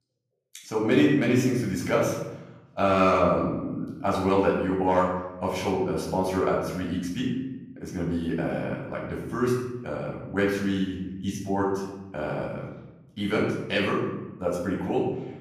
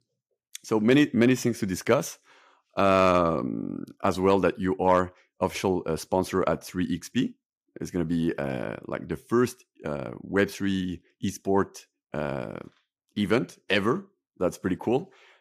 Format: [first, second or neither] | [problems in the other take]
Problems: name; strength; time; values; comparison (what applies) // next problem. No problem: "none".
second | off-mic speech; far // room echo; noticeable; dies away in 0.9 s